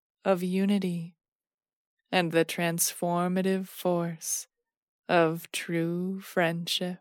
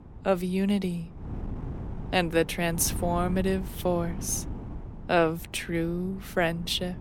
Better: first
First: none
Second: wind noise on the microphone; occasional gusts; 20 dB below the speech

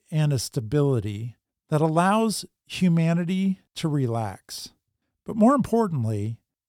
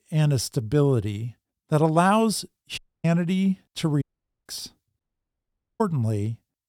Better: first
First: none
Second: audio cutting out; at 3 s, at 4 s and at 5 s for 1 s

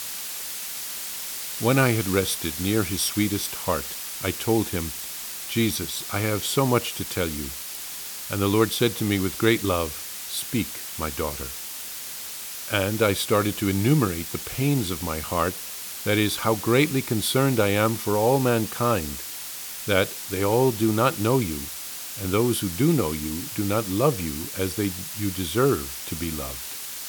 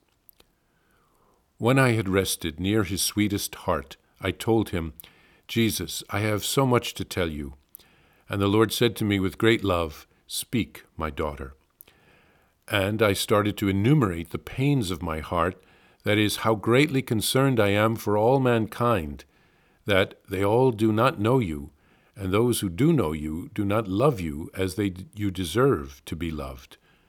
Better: second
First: hiss; loud; throughout; 7 dB below the speech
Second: none

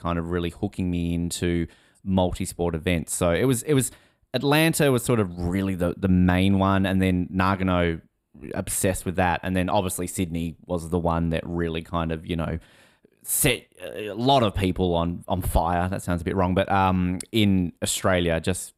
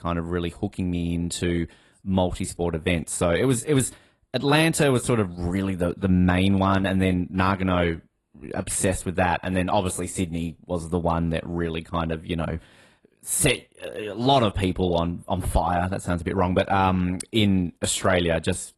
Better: first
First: none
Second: garbled, watery; slightly; nothing above 11.5 kHz

